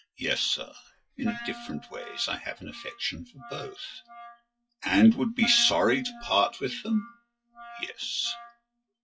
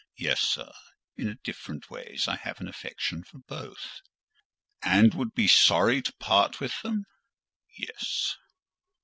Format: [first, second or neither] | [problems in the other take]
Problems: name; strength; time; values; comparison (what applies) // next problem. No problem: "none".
second | noise reduction (classical method WPE with log-MMSE)